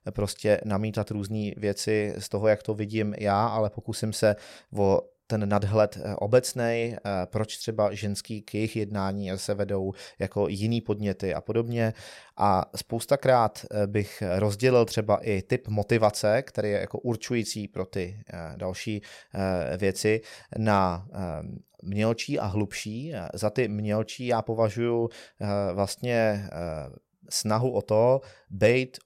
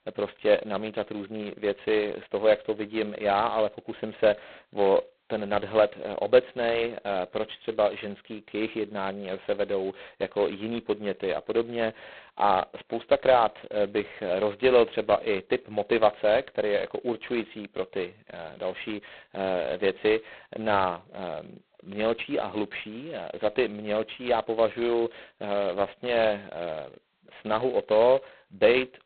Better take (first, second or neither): first